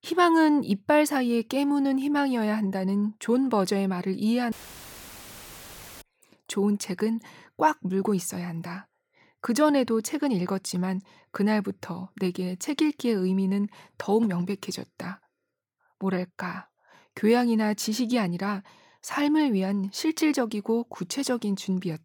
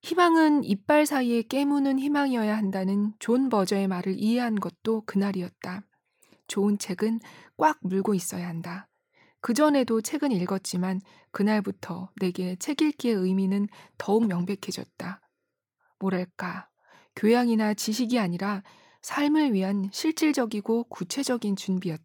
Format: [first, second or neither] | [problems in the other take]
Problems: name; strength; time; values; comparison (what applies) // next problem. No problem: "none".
second | audio cutting out; filled with static; at 4.5 s for 1.5 s